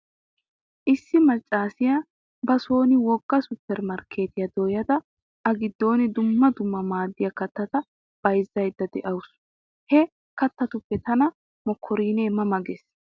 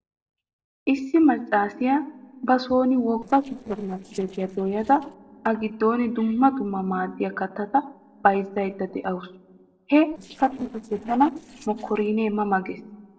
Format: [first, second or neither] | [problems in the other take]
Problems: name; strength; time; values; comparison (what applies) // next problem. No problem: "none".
first | noise reduction (neural separator model SepFormer DNS4)